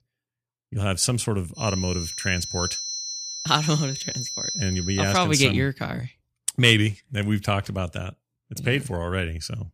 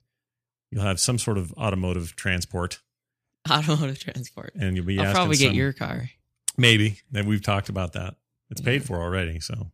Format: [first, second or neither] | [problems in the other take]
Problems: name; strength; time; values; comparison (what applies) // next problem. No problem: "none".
second | high-pitched whine; loud; from 1.5 to 5 s; 6 kHz, 6 dB below the speech